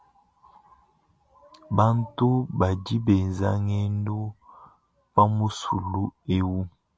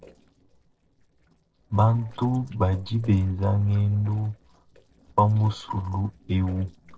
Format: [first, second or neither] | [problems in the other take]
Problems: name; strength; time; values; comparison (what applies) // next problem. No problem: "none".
first | noise reduction (neural separator model SepFormer DNS4)